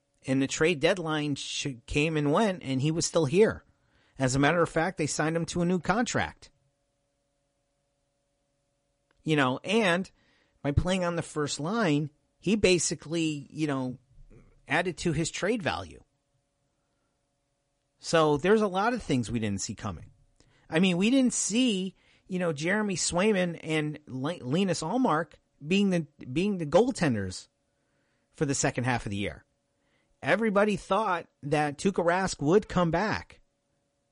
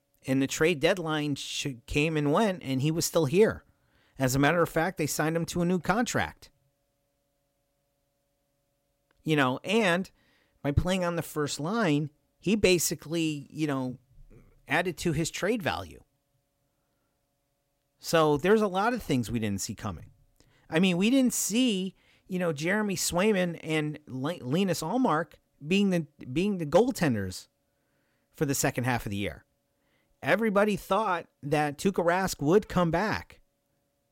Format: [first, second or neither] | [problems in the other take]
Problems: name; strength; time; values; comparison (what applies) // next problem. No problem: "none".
second | garbled, watery; slightly; nothing above 10.5 kHz